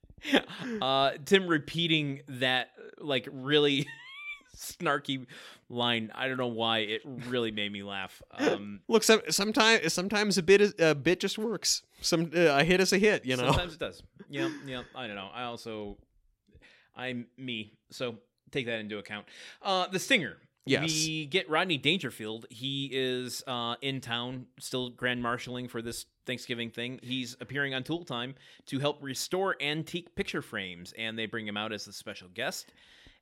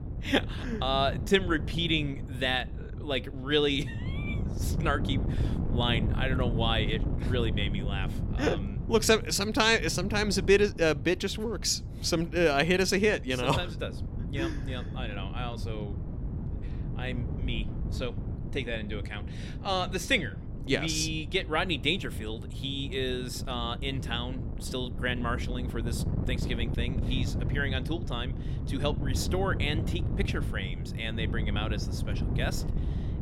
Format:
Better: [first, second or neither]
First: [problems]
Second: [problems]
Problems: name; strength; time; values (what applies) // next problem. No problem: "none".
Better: first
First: none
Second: wind noise on the microphone; occasional gusts; 15 dB below the speech